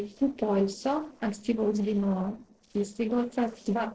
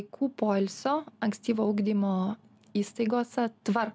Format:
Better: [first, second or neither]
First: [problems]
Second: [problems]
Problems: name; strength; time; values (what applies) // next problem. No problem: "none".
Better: second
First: noise reduction (neural separator model SepFormer DNS4)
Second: none